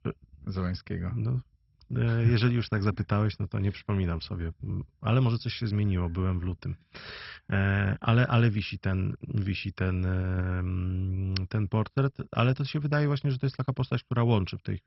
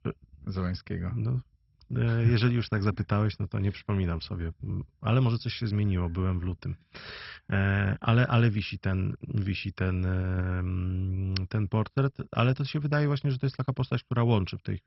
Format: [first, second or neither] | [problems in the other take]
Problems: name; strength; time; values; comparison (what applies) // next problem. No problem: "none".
neither | garbled, watery; badly; nothing above 5.5 kHz; the same in both